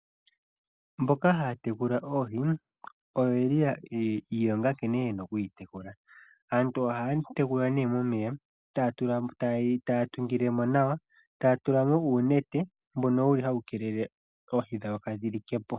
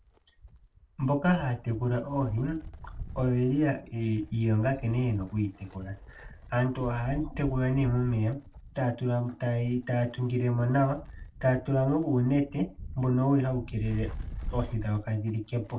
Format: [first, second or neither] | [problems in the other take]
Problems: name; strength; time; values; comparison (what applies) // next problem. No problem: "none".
first | background sound (Wind); 14 dB below the speech // room echo; dies away in 0.2 s